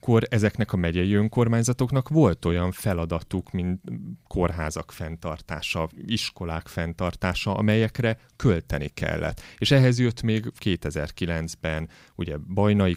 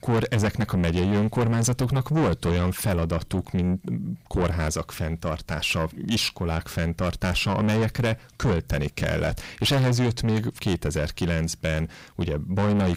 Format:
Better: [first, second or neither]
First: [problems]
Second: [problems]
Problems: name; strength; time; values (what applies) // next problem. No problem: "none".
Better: first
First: none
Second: distortion; heavy; 6 dB below the speech